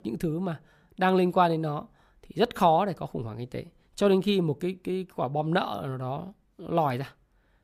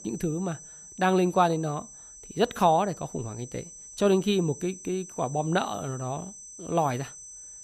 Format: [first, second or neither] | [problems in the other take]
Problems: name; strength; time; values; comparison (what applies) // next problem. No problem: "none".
first | high-pitched whine; noticeable; throughout; 6 kHz, 15 dB below the speech